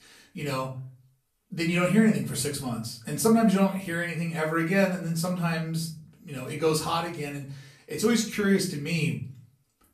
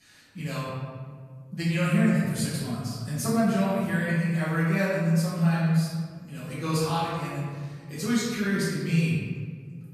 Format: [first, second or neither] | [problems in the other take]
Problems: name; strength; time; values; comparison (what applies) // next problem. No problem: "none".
first | room echo; strong; dies away in 1.6 s; slight in the first // off-mic speech; far; far in the first